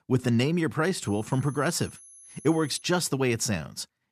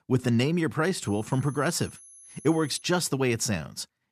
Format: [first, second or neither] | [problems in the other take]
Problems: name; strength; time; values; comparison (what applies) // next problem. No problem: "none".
neither | high-pitched whine; faint; from 1 to 3 s; 11 kHz, 20 dB below the speech; the same in both